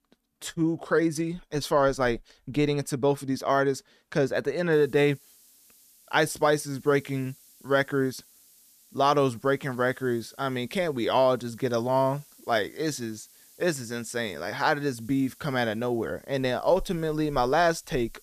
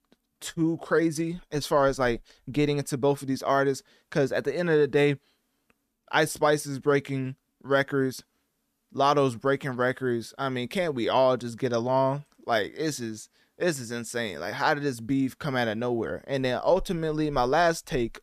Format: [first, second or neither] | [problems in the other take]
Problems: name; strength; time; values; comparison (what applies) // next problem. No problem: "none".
second | hiss; faint; from 4.5 s on; 25 dB below the speech